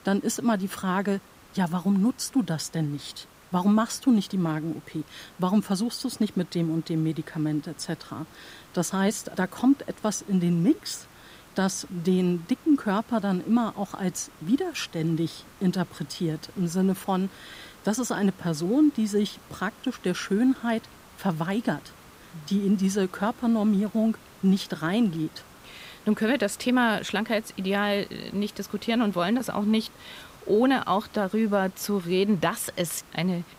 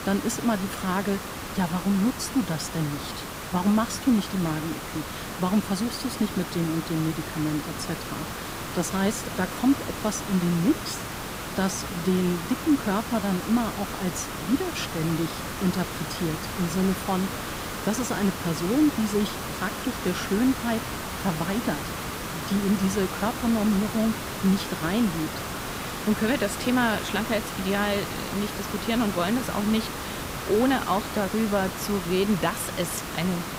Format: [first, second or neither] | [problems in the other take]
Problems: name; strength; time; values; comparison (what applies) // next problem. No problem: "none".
first | hiss; loud; throughout; 6 dB below the speech; faint in the first